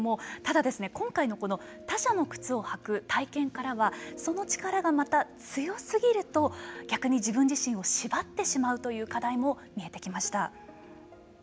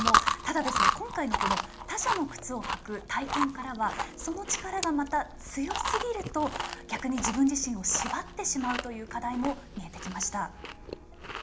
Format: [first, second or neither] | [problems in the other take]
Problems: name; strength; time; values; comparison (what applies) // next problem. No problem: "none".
first | background sound (Chewing, mastication); 1 dB below the speech // room echo; dies away in 0.4 s